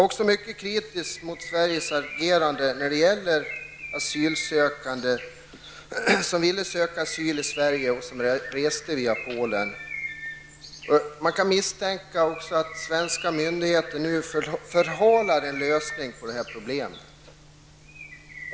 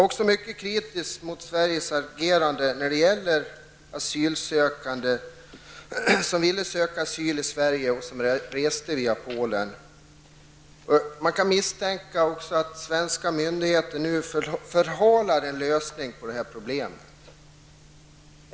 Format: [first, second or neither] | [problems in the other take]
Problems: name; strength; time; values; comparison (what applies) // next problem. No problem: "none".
second | background sound (Bird); 14 dB below the speech